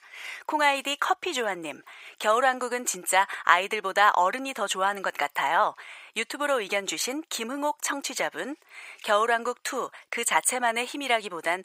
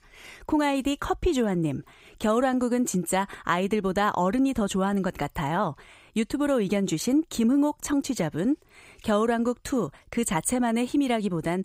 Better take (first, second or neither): second